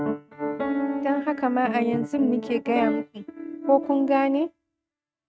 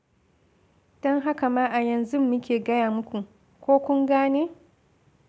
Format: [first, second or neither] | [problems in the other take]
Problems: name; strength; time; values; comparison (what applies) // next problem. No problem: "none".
second | noise reduction (neural mask model RNNoise)